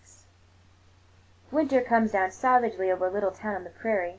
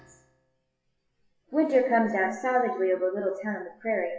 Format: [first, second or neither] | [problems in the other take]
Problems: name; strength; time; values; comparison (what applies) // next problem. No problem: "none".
first | noise reduction (classical method WPE with log-MMSE)